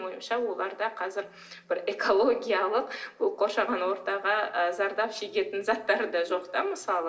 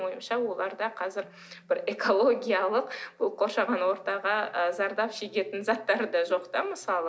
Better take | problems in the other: second | room echo; dies away in 0.7 s

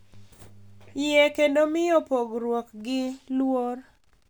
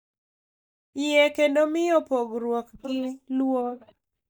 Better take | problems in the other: first | noise reduction (neural mask model DeepFilterNet 3)

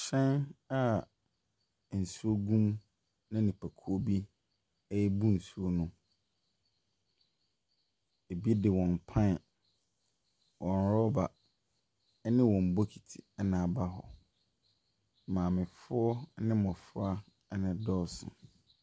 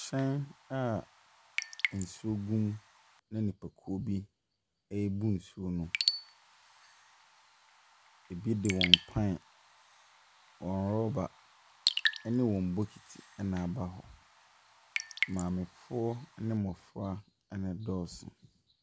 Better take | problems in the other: first | background sound (Raindrop / Drip); 4 dB below the speech

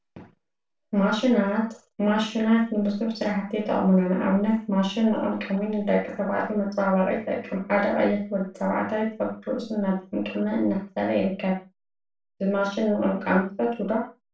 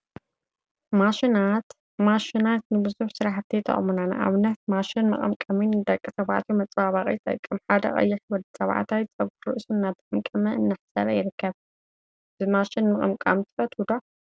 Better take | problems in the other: second | room echo; dies away in 0.3 s

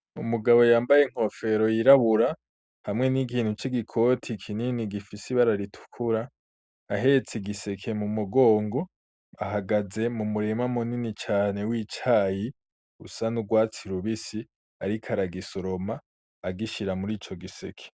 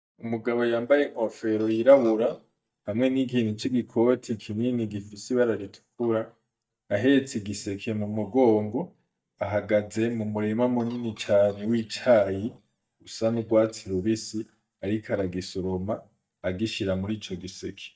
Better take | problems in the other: first | noise reduction (neural mask model DeepFilterNet 3)

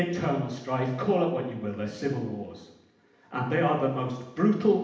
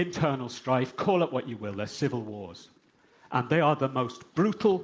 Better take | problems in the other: second | room echo; dies away in 0.8 s

